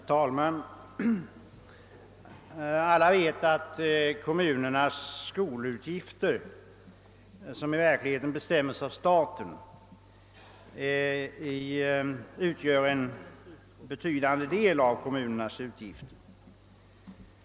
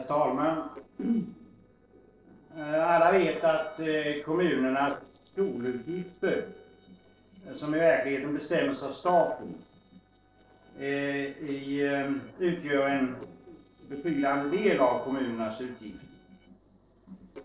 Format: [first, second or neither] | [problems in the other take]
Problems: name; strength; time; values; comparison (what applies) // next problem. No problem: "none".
first | noise reduction (neural separator model SepFormer DNS4)